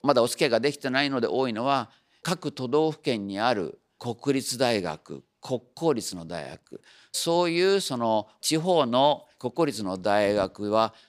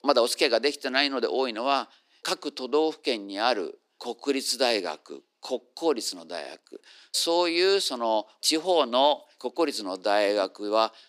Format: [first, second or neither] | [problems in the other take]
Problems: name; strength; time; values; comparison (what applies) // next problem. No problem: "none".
first | thin; very slightly; fading below 250 Hz